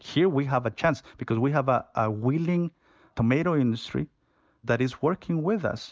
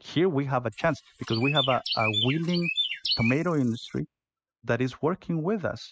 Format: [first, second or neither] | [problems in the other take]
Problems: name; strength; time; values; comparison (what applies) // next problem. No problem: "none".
first | noise reduction (classical method spectral subtraction)